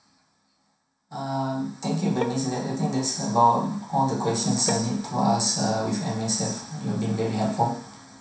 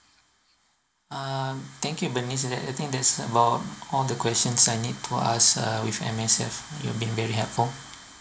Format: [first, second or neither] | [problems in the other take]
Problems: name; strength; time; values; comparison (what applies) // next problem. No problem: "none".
second | background sound (Bowed string instrument); 12 dB below the speech // room echo; dies away in 0.7 s